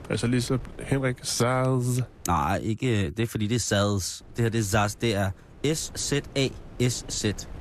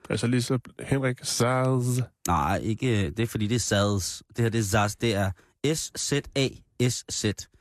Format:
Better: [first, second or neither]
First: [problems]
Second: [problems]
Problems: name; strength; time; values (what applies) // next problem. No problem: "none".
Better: second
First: wind noise on the microphone; occasional gusts; until 2.5 s and from 4 s on; 25 dB below the speech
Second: none